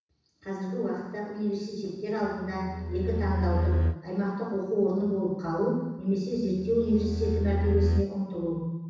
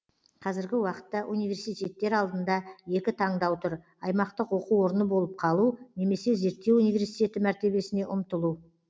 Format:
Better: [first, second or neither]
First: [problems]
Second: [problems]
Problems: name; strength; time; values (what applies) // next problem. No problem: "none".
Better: second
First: background sound (Bowed string instrument); 1 dB above the speech // room echo; dies away in 1.1 s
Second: none